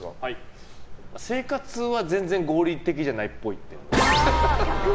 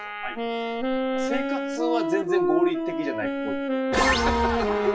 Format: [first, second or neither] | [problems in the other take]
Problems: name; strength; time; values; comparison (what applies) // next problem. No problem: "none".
first | noise reduction (classical method WPE with log-MMSE)